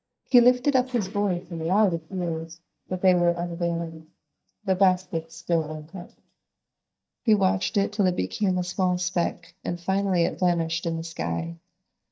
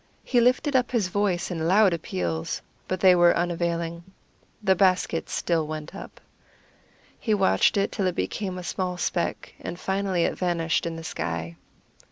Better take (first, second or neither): second